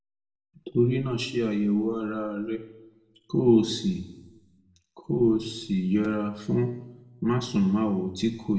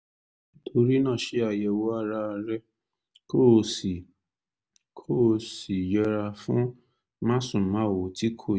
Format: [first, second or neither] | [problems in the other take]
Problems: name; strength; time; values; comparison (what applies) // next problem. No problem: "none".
second | room echo; dies away in 0.8 s